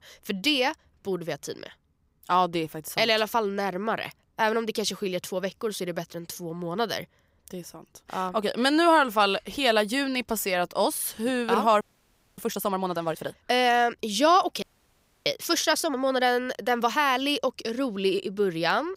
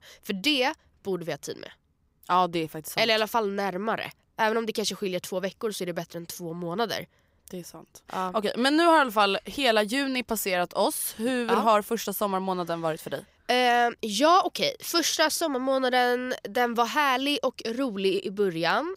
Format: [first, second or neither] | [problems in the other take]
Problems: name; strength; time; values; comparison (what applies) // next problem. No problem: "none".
second | audio freezing; at 12 s for 0.5 s and at 15 s for 0.5 s